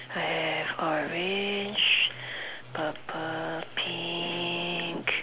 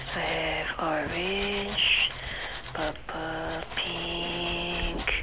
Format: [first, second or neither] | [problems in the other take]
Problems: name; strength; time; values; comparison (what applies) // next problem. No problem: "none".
first | background sound (Domestic sounds, home sounds); 9 dB below the speech